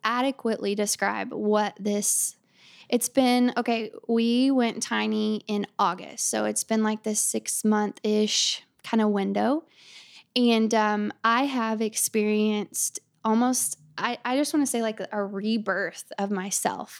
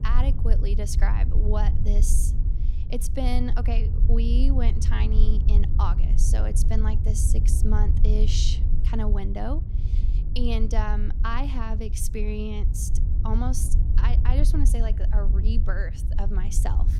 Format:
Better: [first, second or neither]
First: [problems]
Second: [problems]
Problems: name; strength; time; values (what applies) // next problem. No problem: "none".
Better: first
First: none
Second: low rumble; loud; throughout; 8 dB below the speech